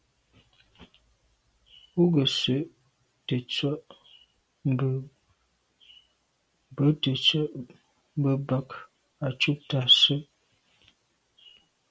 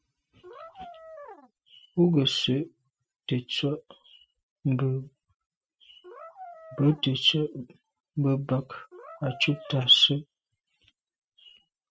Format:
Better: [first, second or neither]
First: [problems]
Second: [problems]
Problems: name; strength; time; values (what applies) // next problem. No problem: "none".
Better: first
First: none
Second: noise reduction (classical method spectral subtraction)